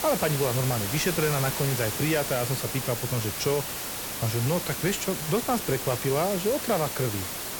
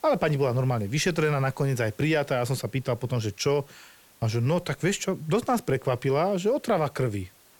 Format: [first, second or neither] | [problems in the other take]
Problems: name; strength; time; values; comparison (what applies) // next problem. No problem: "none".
second | hiss; loud; throughout; 2 dB below the speech; faint in the second